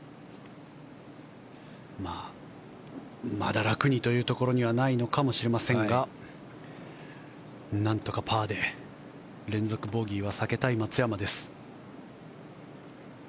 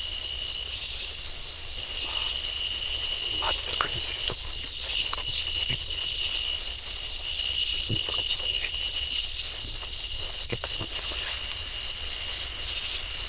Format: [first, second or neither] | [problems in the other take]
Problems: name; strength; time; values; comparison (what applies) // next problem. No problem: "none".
first | noise reduction (neural diffusion model UNIVERSE++)